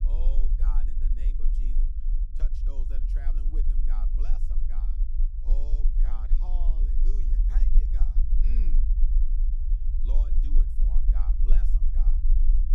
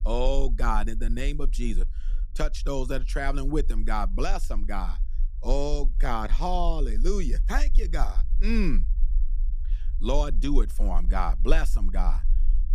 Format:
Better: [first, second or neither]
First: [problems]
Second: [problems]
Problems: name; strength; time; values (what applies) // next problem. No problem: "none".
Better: second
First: low rumble; loud; throughout; as loud as the speech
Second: low rumble; faint; throughout; 25 dB below the speech